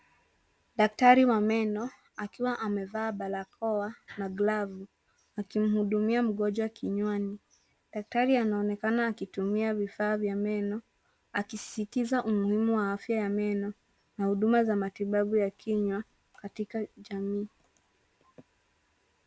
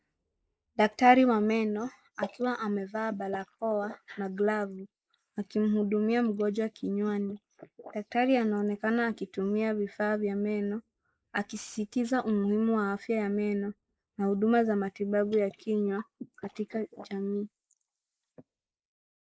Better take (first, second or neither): first